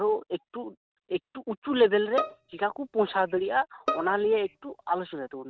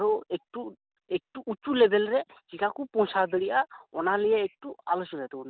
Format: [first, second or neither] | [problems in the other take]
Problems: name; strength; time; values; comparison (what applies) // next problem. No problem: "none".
second | noise reduction (neural mask model RNNoise)